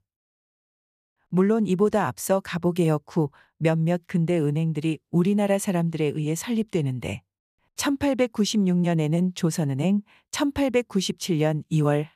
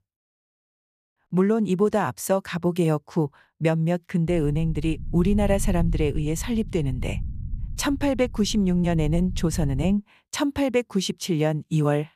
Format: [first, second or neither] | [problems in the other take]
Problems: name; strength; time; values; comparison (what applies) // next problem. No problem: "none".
first | low rumble; faint; from 4.5 to 10 s; 20 dB below the speech